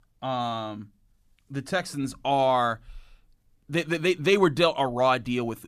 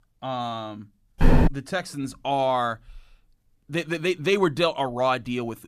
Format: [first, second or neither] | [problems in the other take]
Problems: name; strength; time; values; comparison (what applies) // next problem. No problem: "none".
first | footsteps; loud; at 1 s; peak 5 dB above the speech